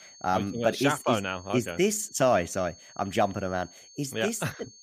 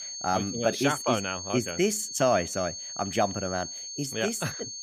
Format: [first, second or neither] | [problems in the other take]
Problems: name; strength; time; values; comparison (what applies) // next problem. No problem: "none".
first | high-pitched whine; loud; throughout; 6.5 kHz, 7 dB below the speech; faint in the first